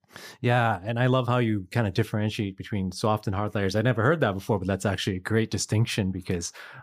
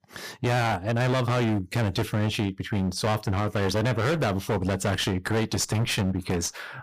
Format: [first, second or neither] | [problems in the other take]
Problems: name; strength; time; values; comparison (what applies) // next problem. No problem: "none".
first | distortion; heavy; 30% of the sound clipped